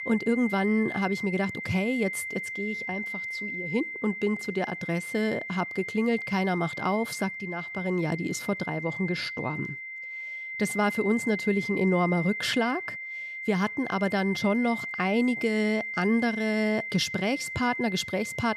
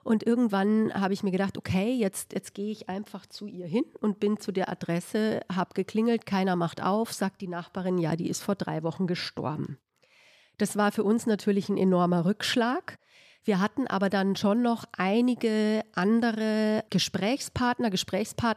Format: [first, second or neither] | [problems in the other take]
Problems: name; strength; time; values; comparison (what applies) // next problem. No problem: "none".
second | high-pitched whine; loud; throughout; 2 kHz, 5 dB below the speech